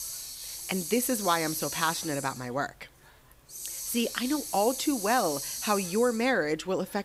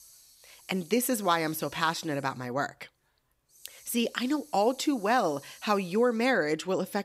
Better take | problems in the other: second | hiss; loud; throughout; 6 dB below the speech; faint in the second

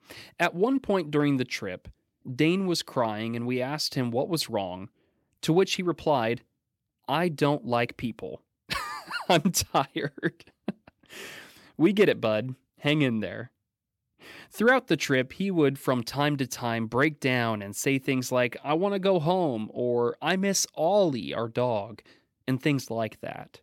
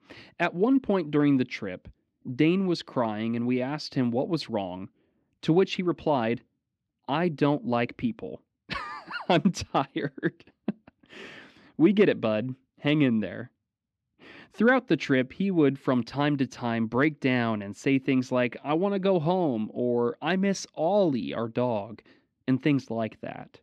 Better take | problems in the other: first | muffled; very slightly; fading above 3.5 kHz

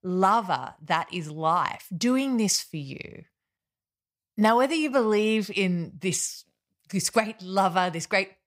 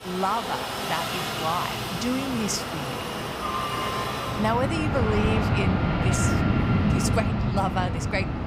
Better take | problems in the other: first | train or aircraft noise; very loud; throughout; 3 dB above the speech

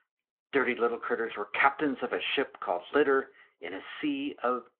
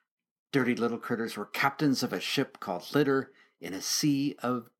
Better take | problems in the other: second | phone-call audio

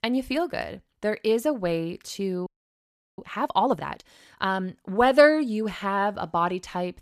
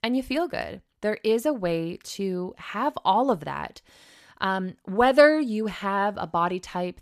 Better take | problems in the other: second | audio freezing; at 2.5 s for 0.5 s

